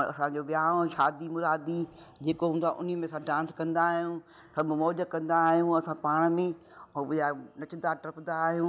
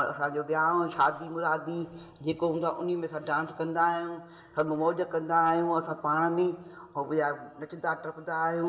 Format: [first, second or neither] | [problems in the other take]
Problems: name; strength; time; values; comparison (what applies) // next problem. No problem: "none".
first | room echo; dies away in 0.9 s